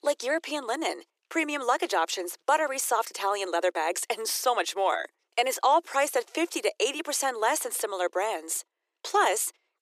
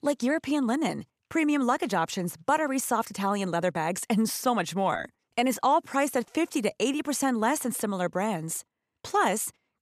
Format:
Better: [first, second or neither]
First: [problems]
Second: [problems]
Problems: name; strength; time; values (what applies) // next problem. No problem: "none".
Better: second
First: thin; very; fading below 350 Hz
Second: none